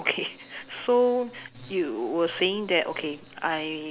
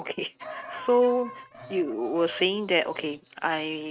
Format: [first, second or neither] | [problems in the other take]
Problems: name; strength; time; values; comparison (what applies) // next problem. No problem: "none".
first | noise reduction (neural mask model RNNoise)